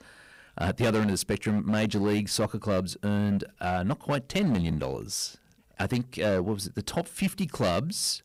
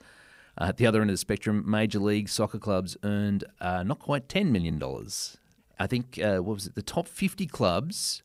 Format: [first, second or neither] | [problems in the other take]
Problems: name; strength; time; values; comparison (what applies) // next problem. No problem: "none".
second | distortion; slight; 9% of the sound clipped